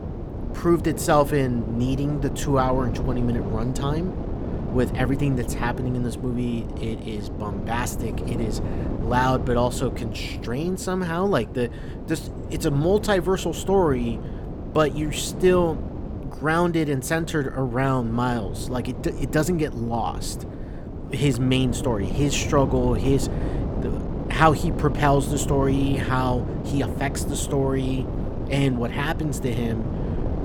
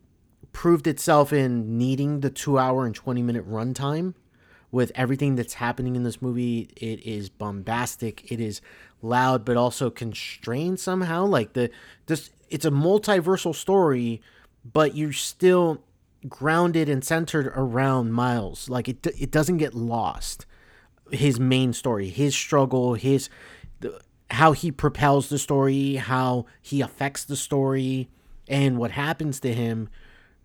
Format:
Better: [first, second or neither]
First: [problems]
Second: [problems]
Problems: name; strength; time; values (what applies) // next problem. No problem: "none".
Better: second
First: wind noise on the microphone; occasional gusts; 10 dB below the speech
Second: none